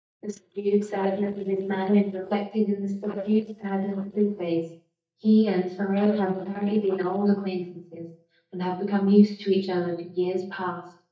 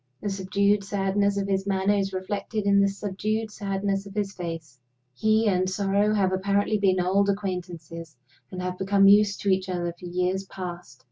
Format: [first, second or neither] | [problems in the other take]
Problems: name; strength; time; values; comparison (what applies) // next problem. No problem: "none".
second | noise reduction (neural mask model DeepFilterNet 3)